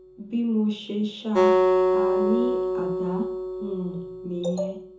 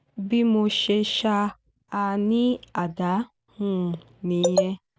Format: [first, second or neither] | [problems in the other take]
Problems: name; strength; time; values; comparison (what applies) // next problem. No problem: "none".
second | background sound (Acoustic guitar); 4 dB above the speech // room echo; dies away in 0.6 s